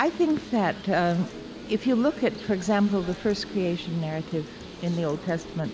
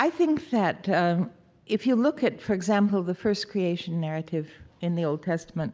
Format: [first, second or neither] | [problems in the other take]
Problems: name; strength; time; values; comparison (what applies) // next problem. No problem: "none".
second | background sound (Acoustic guitar + Bird); 14 dB below the speech